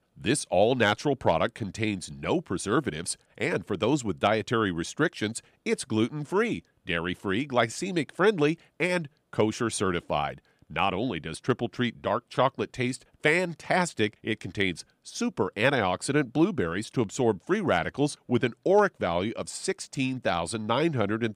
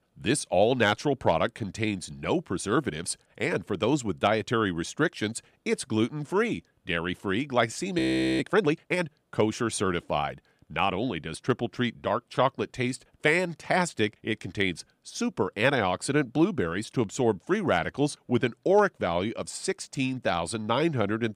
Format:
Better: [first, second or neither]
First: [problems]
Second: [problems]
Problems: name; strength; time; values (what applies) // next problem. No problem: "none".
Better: first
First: none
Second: audio freezing; at 8 s